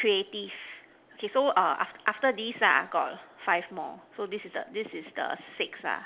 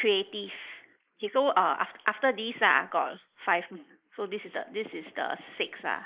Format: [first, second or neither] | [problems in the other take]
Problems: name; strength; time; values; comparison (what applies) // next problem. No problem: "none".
first | noise reduction (neural mask model Resemble Enhance denoiser)